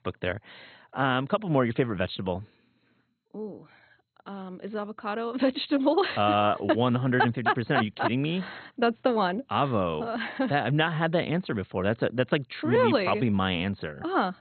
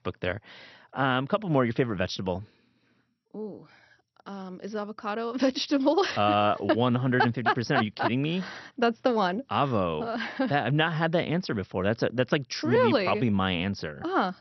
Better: second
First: garbled, watery; badly; nothing above 4 kHz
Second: garbled, watery; slightly; nothing above 6 kHz

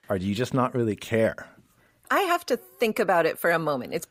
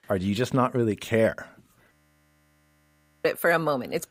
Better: first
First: none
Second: audio freezing; at 2 s for 1.5 s

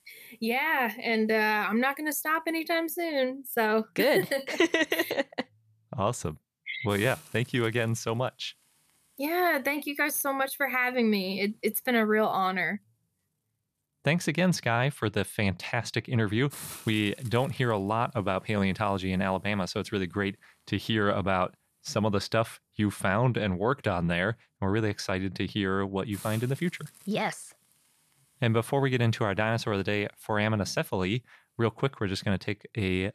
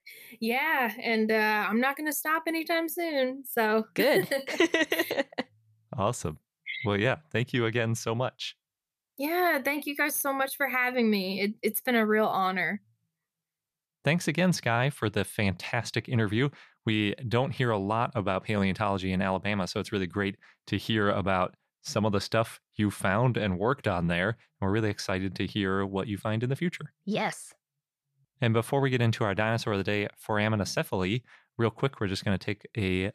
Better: second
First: hiss; noticeable; throughout; 20 dB below the speech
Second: none

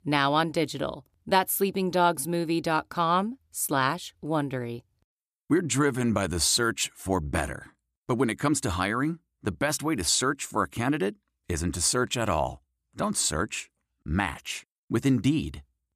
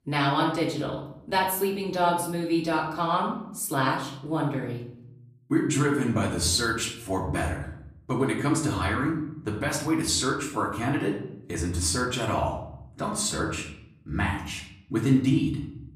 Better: first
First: none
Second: off-mic speech; far // room echo; slight; dies away in 0.6 s

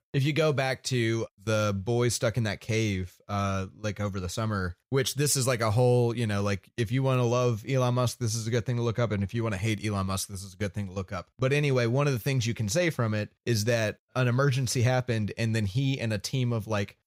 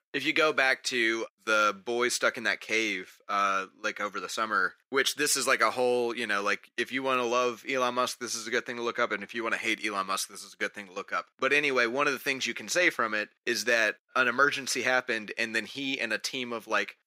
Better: first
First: none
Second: thin; very; fading below 300 Hz

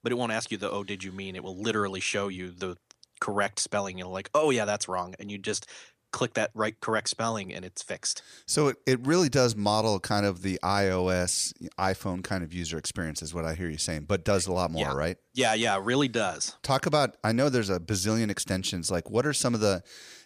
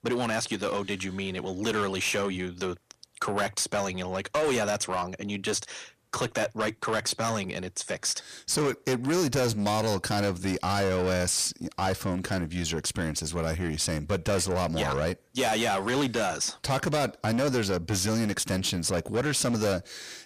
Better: first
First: none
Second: distortion; heavy; 8 dB below the speech

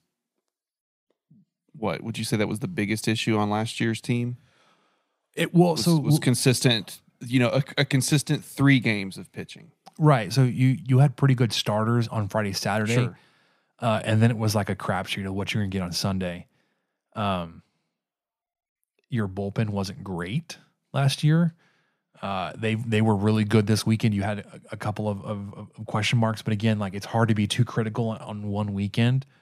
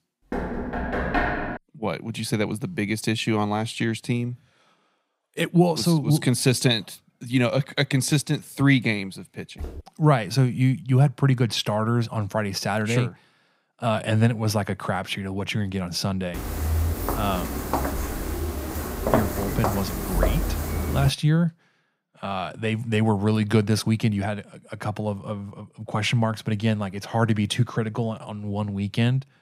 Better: first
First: none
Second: door banging; noticeable; until 1.5 s; peak level with the speech // footsteps; faint; at 9.5 s; peak 15 dB below the speech // footsteps; loud; from 16 to 21 s; peak level with the speech

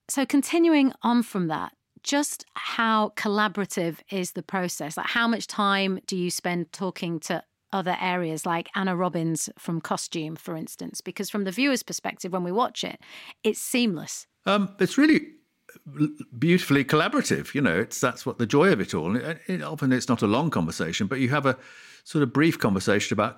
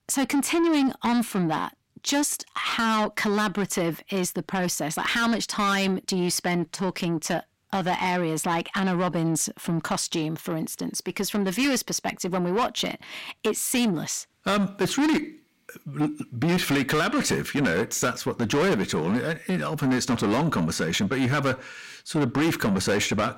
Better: first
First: none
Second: distortion; heavy; 7 dB below the speech

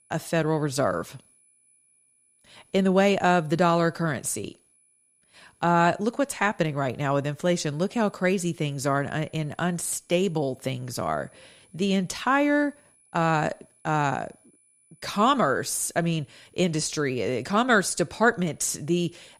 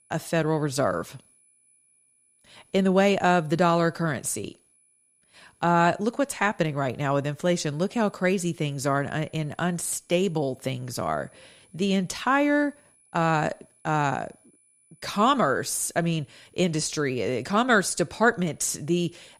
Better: neither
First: high-pitched whine; faint; throughout; 10 kHz, 35 dB below the speech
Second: high-pitched whine; faint; throughout; 10 kHz, 35 dB below the speech

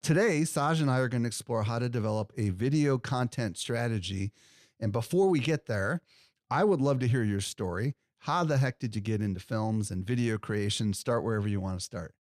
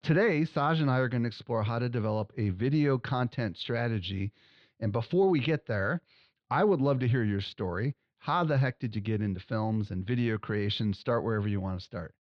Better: first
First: none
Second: muffled; slightly; fading above 4 kHz

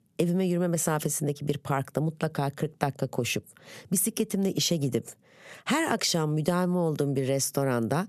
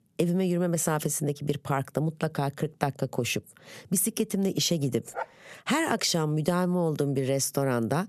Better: first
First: none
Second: dog barking; faint; at 5 s; peak 10 dB below the speech

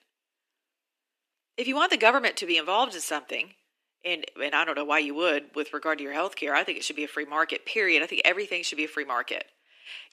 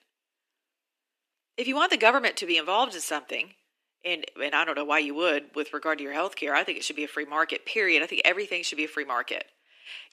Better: neither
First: thin; somewhat; fading below 300 Hz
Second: thin; somewhat; fading below 300 Hz

